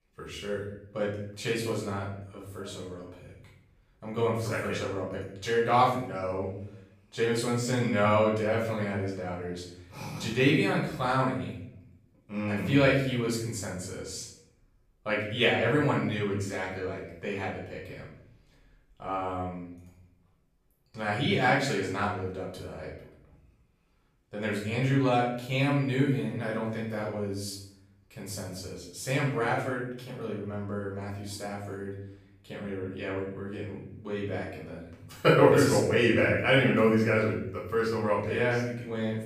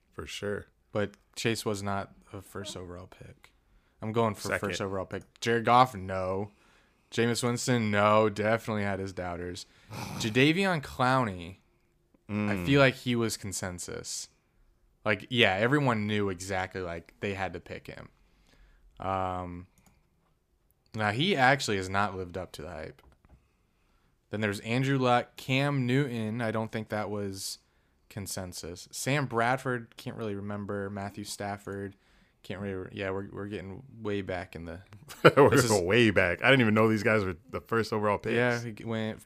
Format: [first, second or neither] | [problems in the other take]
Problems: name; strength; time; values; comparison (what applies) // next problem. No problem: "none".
second | room echo; noticeable; dies away in 0.7 s // off-mic speech; far